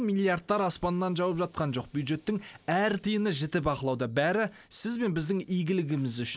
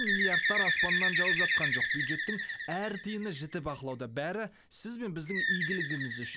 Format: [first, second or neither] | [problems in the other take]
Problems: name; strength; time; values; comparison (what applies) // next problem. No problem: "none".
first | background sound (Bird); 5 dB above the speech